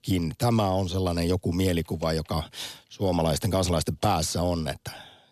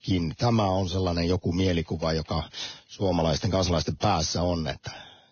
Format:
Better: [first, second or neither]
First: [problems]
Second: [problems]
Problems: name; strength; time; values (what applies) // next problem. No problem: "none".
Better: first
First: none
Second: garbled, watery; badly; nothing above 6.5 kHz